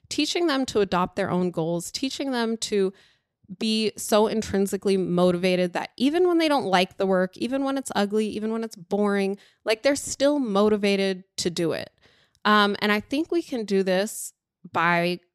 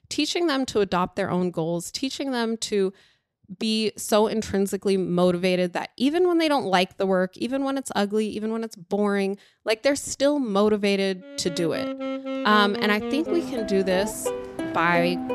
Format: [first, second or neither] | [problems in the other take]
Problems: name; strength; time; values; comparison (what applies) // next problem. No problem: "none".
first | background music; loud; from 11 s on; 7 dB below the speech